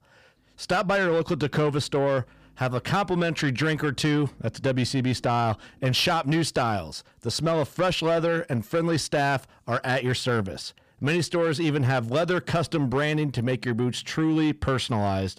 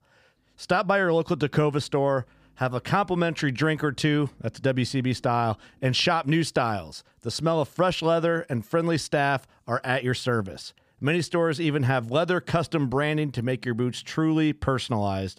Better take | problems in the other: second | distortion; slight; 10 dB below the speech

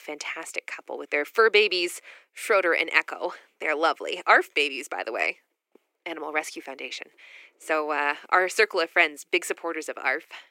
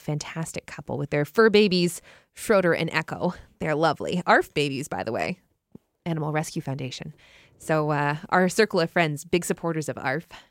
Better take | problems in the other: second | thin; very; fading below 300 Hz

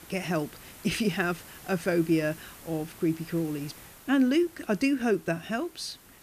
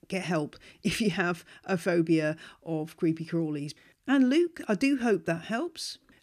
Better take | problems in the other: second | hiss; noticeable; throughout; 20 dB below the speech

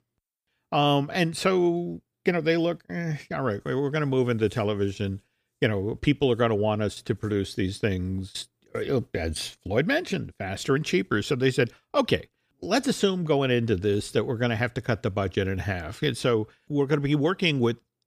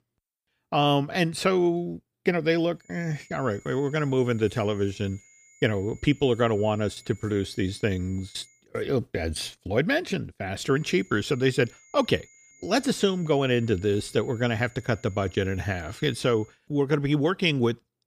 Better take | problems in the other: first | high-pitched whine; faint; from 3 to 8.5 s and from 11 to 16 s; 2 kHz, 25 dB below the speech

